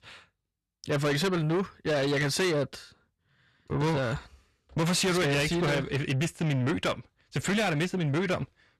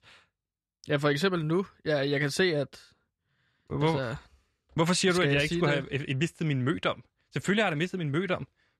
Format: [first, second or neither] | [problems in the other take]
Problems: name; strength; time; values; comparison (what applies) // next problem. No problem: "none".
second | distortion; heavy; 8 dB below the speech